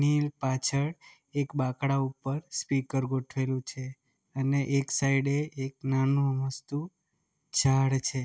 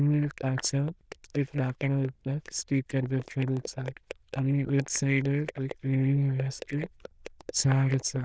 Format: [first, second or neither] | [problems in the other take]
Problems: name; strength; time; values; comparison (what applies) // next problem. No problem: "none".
first | noise reduction (neural diffusion model UNIVERSE++)